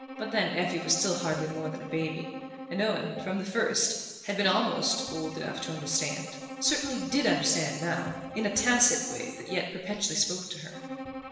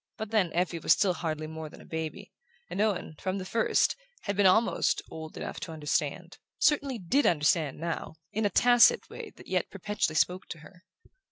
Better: second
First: background sound (Bowed string instrument); 11 dB below the speech // room echo; dies away in 1.3 s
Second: none

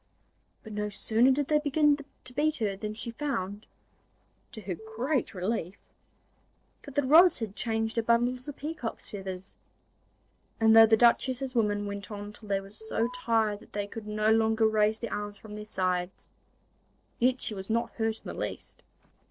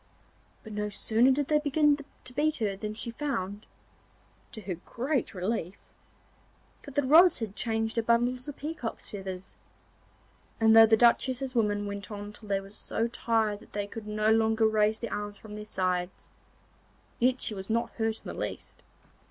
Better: second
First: noise reduction (neural separator model SepFormer DNS4)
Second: none

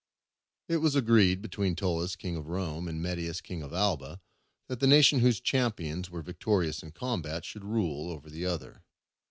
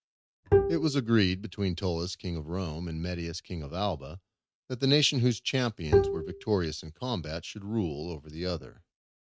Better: first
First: none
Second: noise reduction (neural mask model RNNoise)

